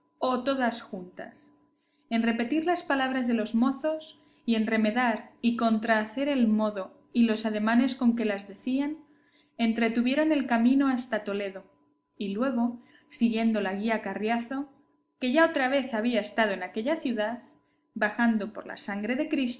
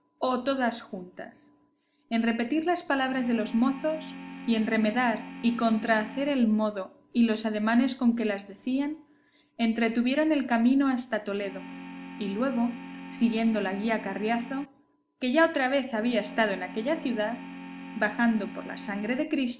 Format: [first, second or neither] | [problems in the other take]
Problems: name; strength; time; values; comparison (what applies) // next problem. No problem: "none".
first | background sound (Organ); 13 dB below the speech